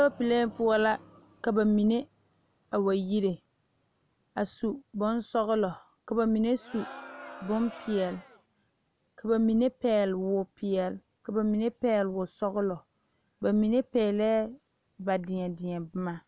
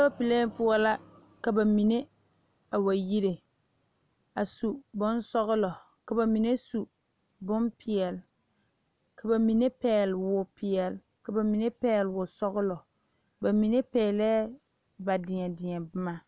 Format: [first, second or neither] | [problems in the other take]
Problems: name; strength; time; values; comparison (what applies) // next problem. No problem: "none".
second | background sound (Crowd); 16 dB below the speech